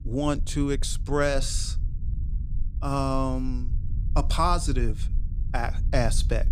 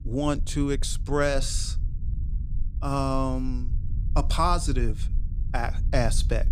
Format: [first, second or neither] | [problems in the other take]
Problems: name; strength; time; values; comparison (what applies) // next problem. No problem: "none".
neither | low rumble; faint; throughout; 20 dB below the speech; the same in both